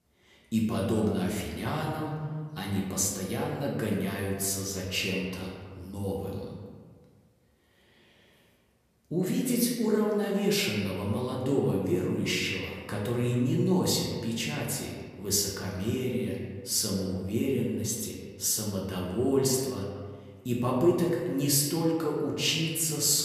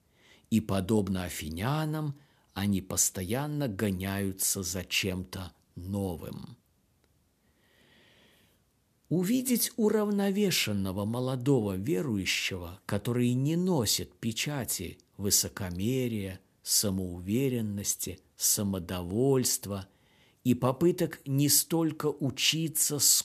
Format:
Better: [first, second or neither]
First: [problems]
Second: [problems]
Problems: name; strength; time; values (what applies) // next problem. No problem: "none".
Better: second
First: room echo; noticeable; dies away in 1.4 s // off-mic speech; far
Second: none